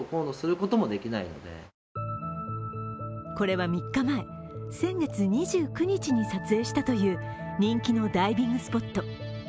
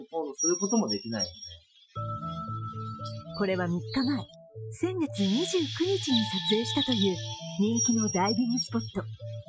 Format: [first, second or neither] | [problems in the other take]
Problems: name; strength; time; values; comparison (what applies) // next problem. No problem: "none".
first | noise reduction (classical method Wiener filter)